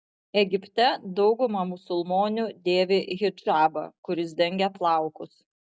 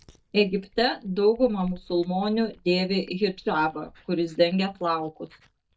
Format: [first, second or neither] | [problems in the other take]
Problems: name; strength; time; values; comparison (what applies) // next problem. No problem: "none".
first | noise reduction (neural mask model DeepFilterNet 3)